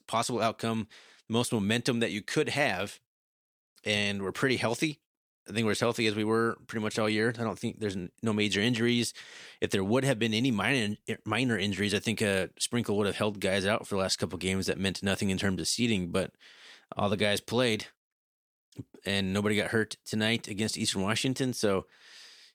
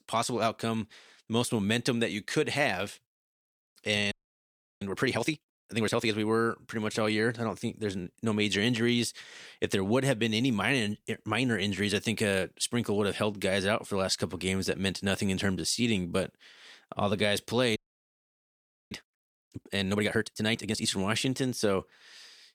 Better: first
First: none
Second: audio freezing; at 4 s for 0.5 s and at 18 s for 1 s

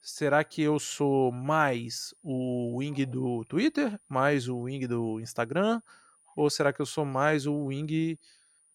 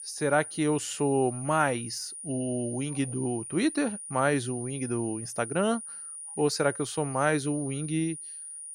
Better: first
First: high-pitched whine; faint; throughout; 9.5 kHz, 35 dB below the speech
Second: high-pitched whine; loud; throughout; 9.5 kHz, 9 dB below the speech

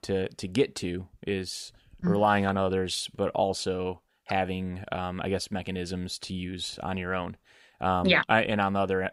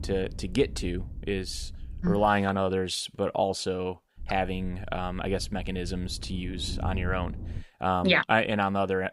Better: first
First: none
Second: low rumble; faint; until 2.5 s and from 4 to 7.5 s; 25 dB below the speech

